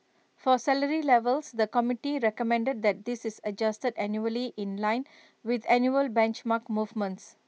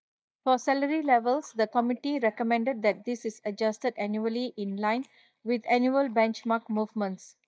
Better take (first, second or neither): first